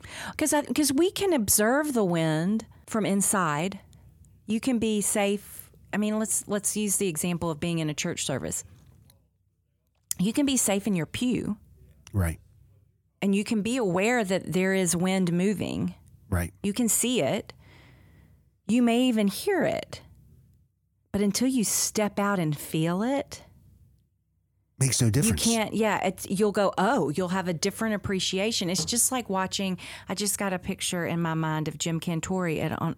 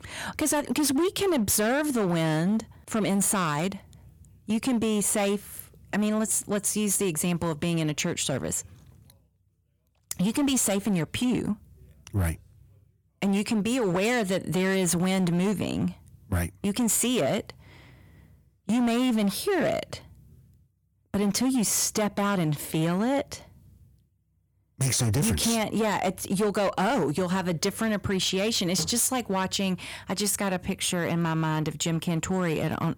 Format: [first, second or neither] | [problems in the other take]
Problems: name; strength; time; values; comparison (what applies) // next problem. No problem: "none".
first | distortion; slight; 13% of the sound clipped